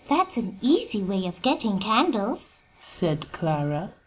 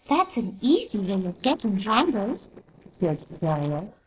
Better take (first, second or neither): first